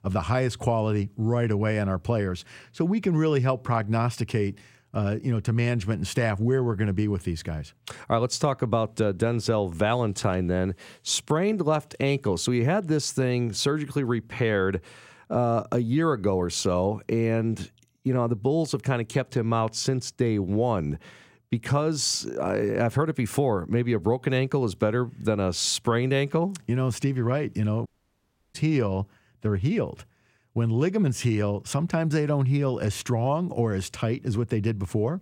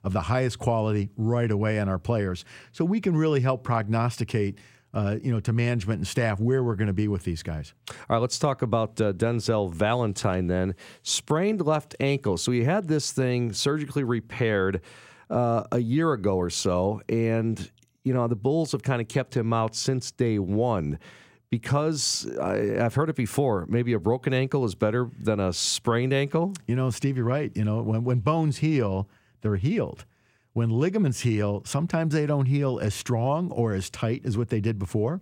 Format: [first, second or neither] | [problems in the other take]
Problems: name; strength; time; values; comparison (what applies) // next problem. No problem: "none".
second | audio cutting out; at 28 s for 0.5 s